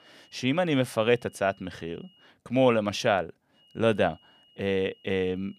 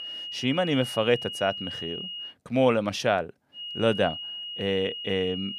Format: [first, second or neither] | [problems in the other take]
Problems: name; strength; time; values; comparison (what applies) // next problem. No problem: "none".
first | high-pitched whine; loud; until 2.5 s and from 3.5 s on; 3 kHz, 7 dB below the speech; faint in the first